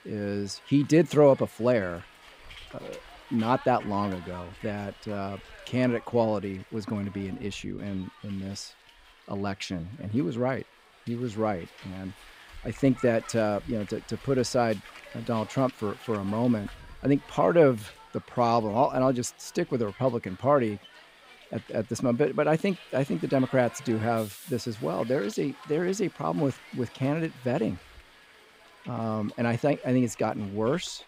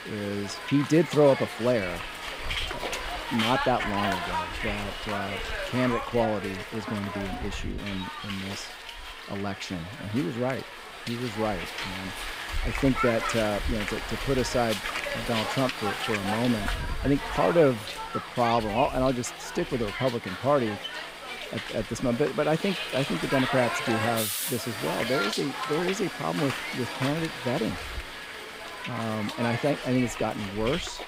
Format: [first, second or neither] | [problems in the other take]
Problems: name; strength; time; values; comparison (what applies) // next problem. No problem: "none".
first | hiss; loud; throughout; 4 dB below the speech; faint in the first